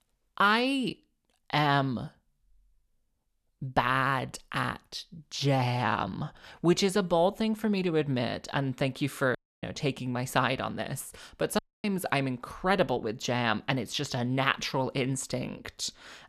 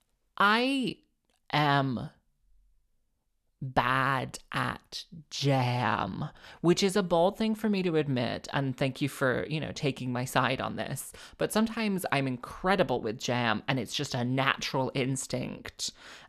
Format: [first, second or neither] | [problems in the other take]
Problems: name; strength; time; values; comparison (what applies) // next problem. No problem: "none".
second | audio cutting out; at 9.5 s and at 12 s